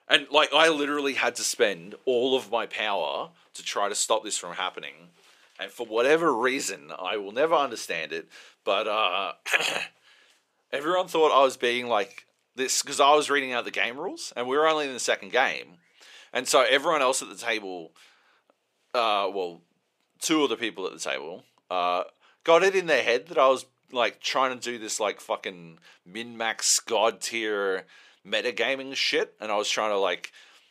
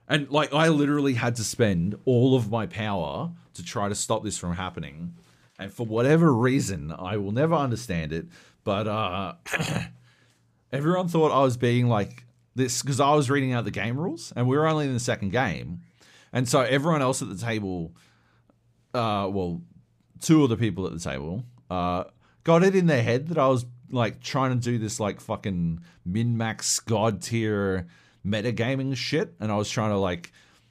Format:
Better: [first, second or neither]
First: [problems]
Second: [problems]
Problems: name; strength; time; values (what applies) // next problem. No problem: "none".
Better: second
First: thin; very; fading below 400 Hz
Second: none